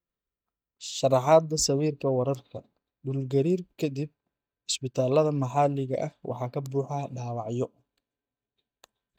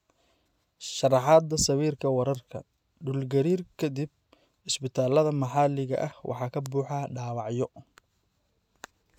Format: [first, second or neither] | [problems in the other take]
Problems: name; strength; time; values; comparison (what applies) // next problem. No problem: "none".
second | noise reduction (neural mask model DeepFilterNet 3)